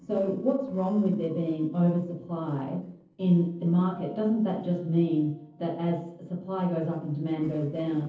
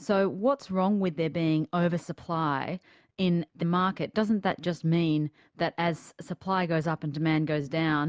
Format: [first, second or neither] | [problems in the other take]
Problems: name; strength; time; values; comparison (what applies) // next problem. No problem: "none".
second | noise reduction (neural separator model SepFormer DNS4)